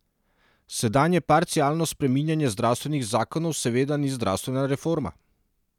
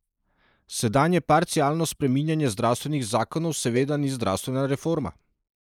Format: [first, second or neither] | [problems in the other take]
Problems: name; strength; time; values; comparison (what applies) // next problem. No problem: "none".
first | noise reduction (neural mask model Resemble Enhance denoiser)